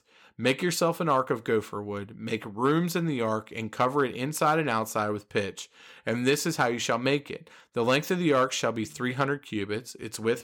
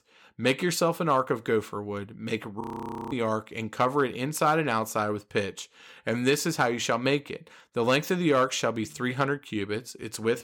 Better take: first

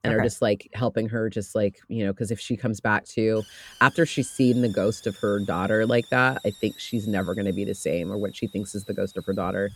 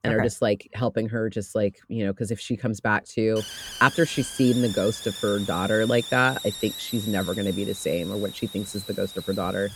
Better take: first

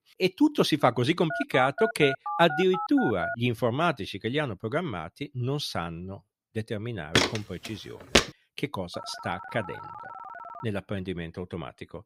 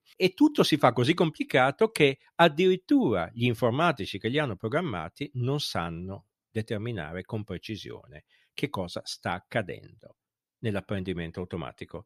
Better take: second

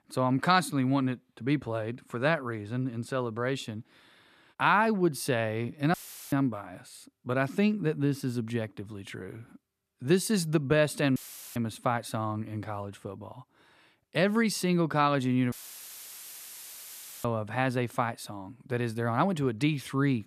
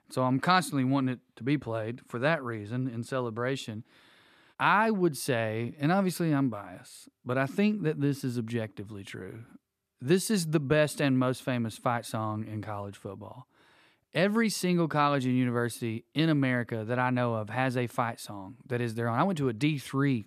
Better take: second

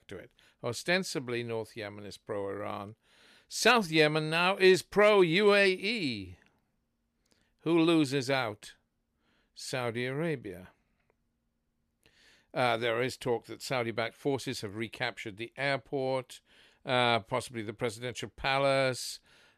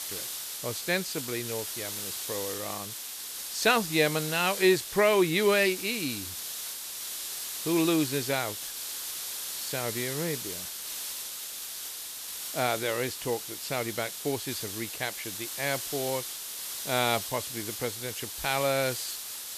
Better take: first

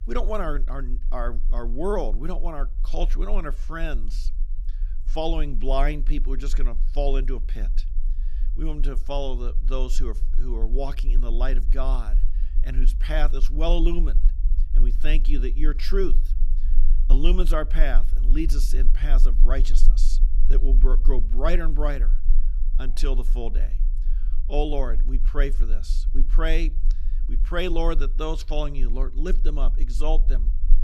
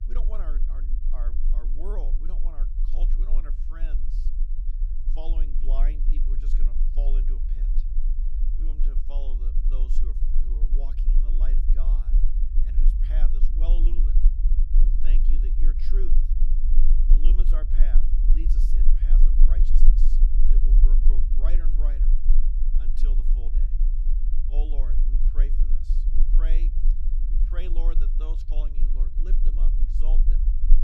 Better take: first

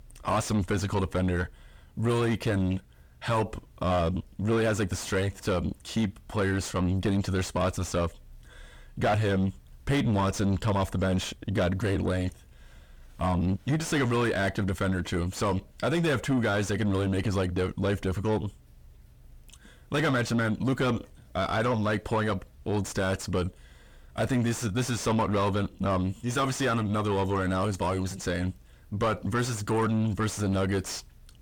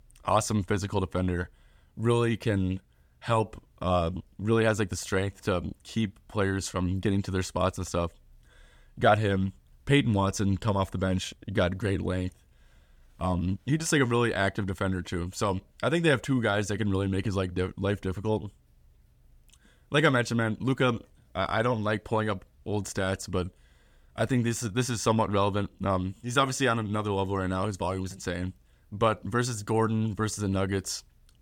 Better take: second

